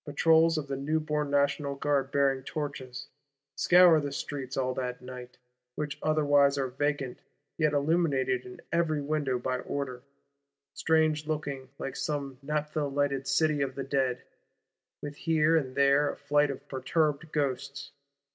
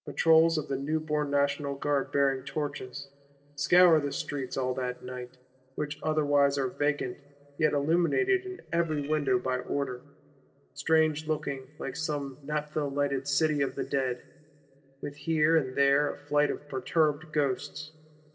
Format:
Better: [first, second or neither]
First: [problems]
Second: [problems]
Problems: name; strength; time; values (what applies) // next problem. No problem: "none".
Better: first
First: none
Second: noise reduction (neural separator model SepFormer DNS4)